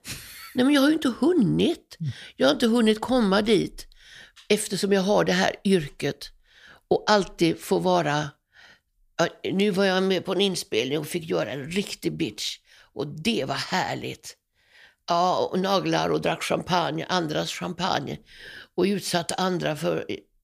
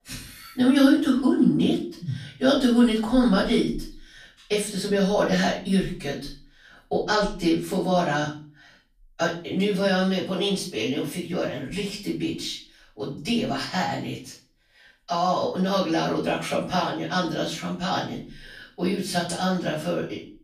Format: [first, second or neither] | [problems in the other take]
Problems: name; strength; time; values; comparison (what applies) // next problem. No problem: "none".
first | off-mic speech; far // room echo; slight; dies away in 0.4 s